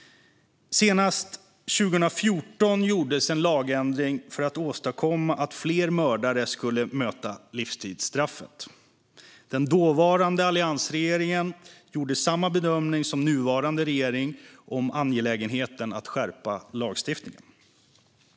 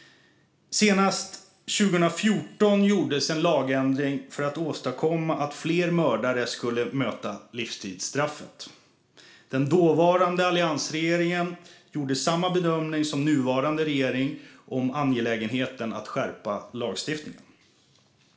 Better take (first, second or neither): first